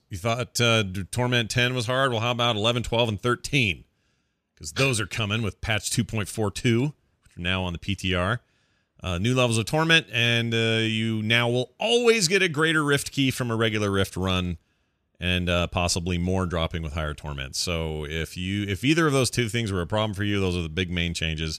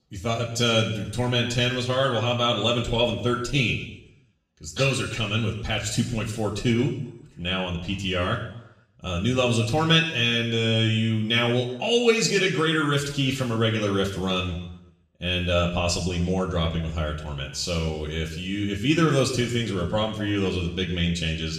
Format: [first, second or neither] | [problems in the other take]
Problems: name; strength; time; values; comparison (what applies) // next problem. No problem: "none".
first | room echo; slight; dies away in 0.8 s // off-mic speech; far